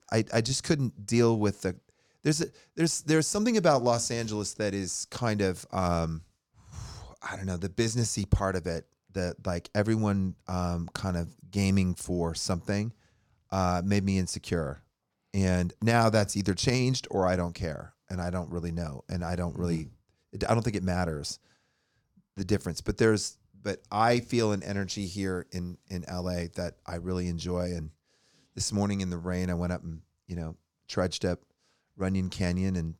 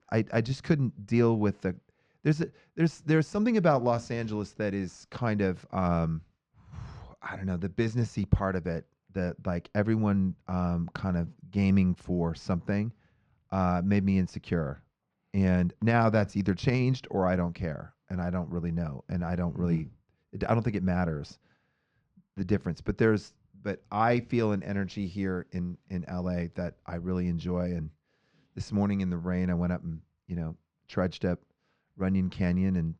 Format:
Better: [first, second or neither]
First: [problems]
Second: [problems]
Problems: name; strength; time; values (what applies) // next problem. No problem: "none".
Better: first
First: none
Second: muffled; slightly; fading above 2.5 kHz